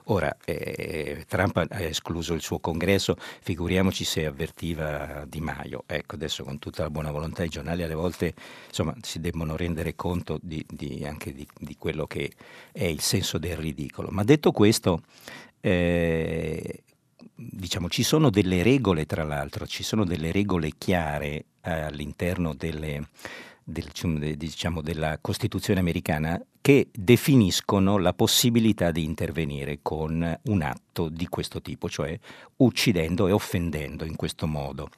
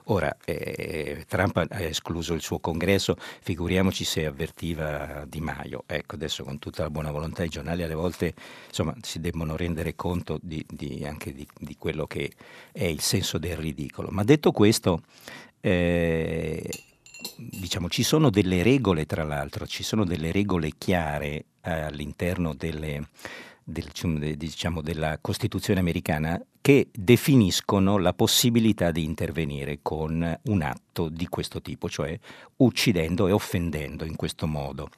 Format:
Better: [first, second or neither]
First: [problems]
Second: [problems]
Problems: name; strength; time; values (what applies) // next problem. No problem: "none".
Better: first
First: none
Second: clattering dishes; faint; at 17 s; peak 10 dB below the speech